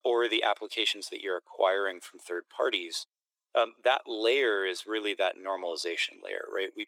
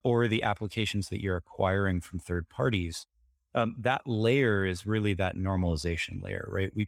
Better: second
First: thin; very; fading below 350 Hz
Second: none

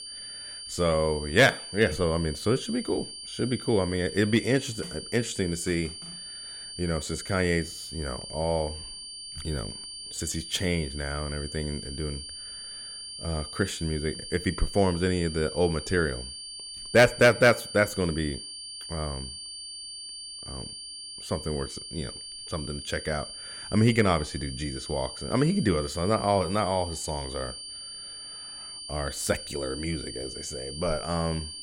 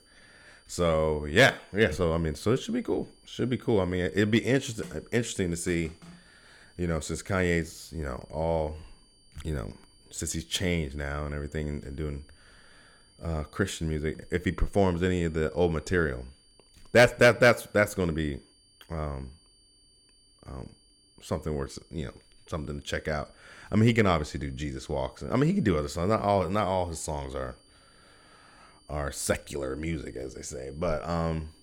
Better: second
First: high-pitched whine; loud; throughout; 4.5 kHz, 10 dB below the speech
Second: high-pitched whine; faint; throughout; 4.5 kHz, 30 dB below the speech

